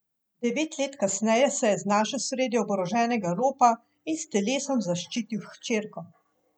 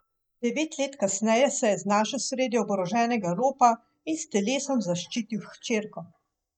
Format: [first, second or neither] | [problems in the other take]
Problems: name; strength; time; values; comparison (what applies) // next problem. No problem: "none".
first | noise reduction (neural mask model DeepFilterNet 3)